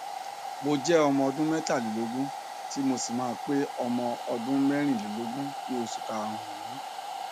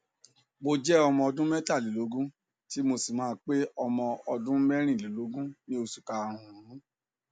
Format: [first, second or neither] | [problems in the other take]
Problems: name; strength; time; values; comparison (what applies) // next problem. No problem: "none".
second | background sound (Domestic sounds, home sounds); 8 dB below the speech